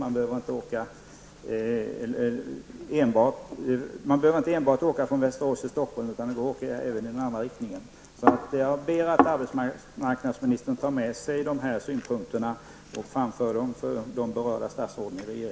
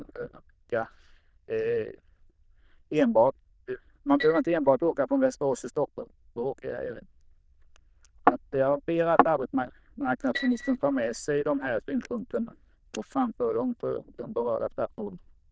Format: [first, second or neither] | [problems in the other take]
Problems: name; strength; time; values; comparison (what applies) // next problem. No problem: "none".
first | noise reduction (neural diffusion model UNIVERSE++)